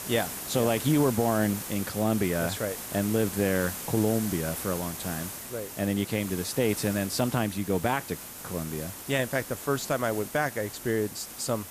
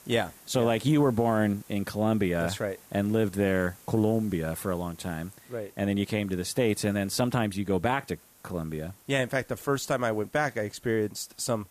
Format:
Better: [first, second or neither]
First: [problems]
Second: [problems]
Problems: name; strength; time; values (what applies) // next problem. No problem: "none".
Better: second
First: hiss; loud; throughout; 8 dB below the speech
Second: hiss; faint; throughout; 25 dB below the speech